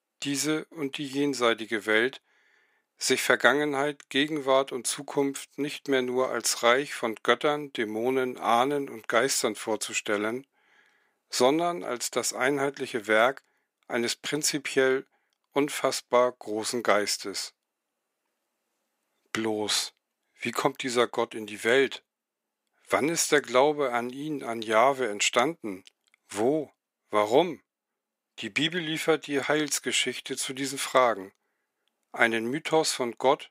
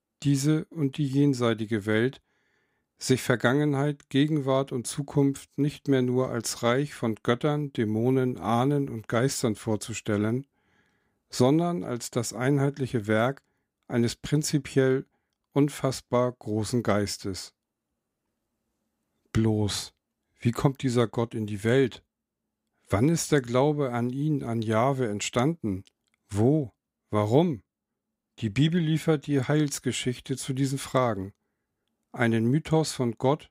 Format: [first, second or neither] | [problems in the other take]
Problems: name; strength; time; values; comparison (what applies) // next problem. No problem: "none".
second | thin; somewhat; fading below 500 Hz